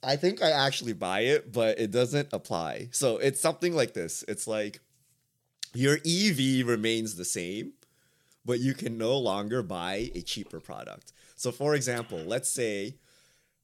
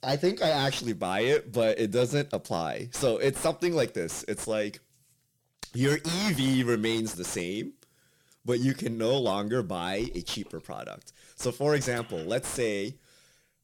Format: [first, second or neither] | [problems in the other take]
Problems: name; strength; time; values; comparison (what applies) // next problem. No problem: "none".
first | distortion; slight; 10 dB below the speech